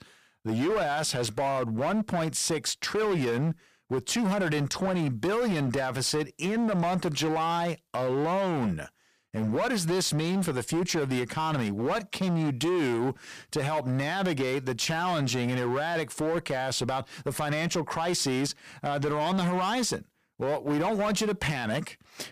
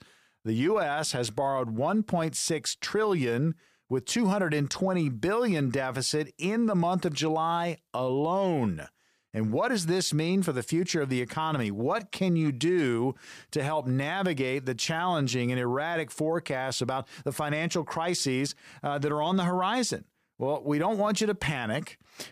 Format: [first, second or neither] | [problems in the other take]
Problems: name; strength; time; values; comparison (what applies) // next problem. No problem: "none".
second | distortion; slight; 19% of the sound clipped